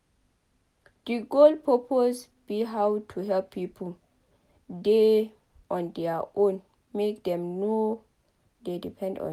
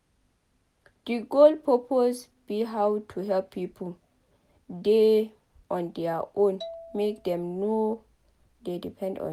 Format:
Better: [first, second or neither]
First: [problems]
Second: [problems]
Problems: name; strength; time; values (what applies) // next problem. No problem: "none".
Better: first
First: none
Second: background sound (Marimba, xylophone); 19 dB below the speech